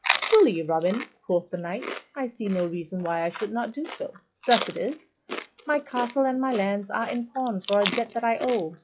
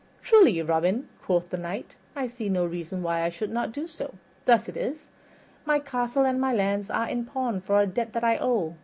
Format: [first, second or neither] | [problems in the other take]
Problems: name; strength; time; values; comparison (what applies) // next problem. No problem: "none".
second | noise reduction (classical method log-MMSE)